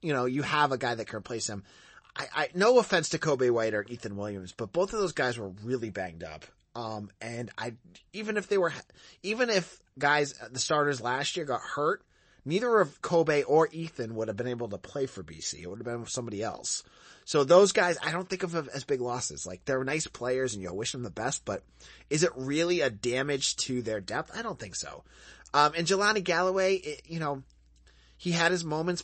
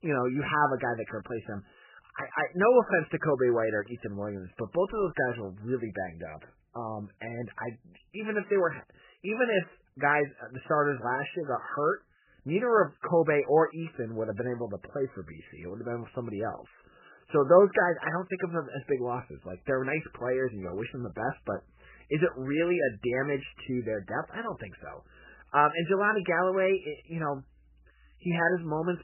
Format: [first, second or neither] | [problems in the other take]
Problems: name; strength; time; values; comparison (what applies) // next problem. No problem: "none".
first | garbled, watery; badly; nothing above 3 kHz; slightly in the first